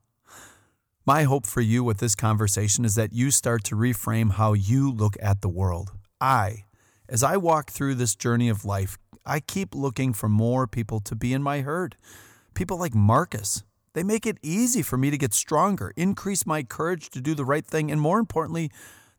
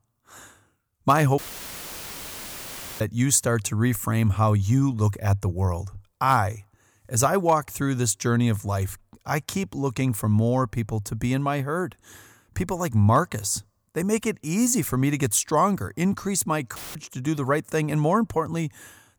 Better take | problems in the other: first | audio cutting out; filled with static; at 1.5 s for 1.5 s and at 17 s

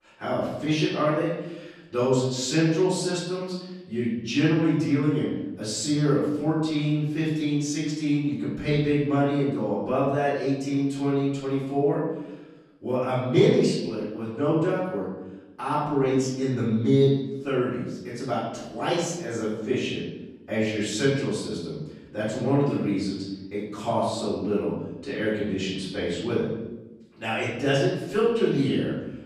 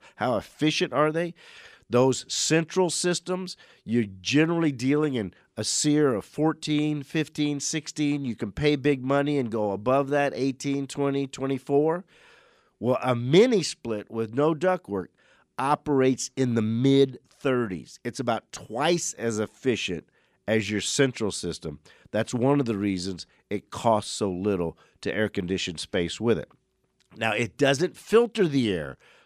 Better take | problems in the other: second | room echo; noticeable; dies away in 1 s // off-mic speech; far

